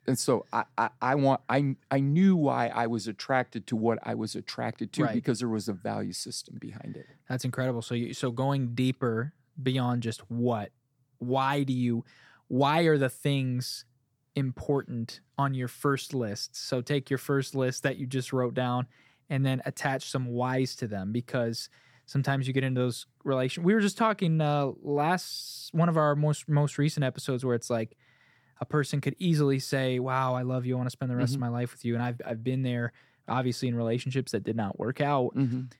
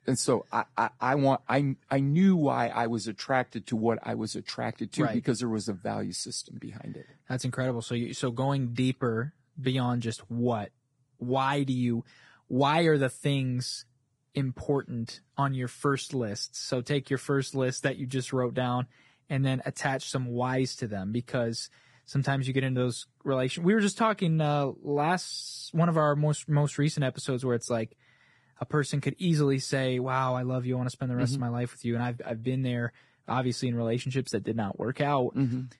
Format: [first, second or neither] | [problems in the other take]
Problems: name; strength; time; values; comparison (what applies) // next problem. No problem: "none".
first | garbled, watery; badly; nothing above 10.5 kHz